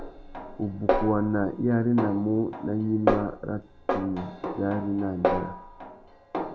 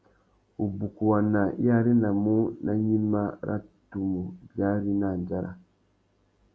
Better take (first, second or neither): second